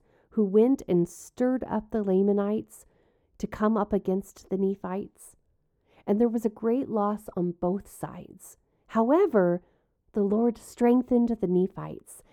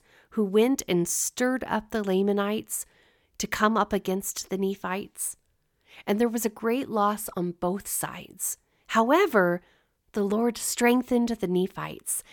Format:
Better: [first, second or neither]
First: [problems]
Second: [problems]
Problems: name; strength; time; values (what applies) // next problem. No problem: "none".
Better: second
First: muffled; very; fading above 1 kHz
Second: none